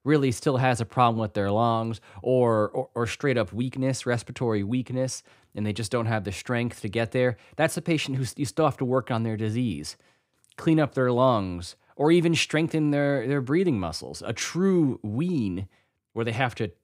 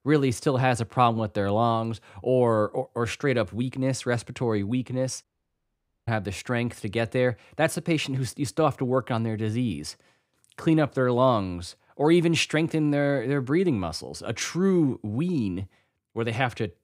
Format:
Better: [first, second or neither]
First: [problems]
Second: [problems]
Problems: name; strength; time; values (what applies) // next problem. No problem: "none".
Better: first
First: none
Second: audio cutting out; at 5 s for 1 s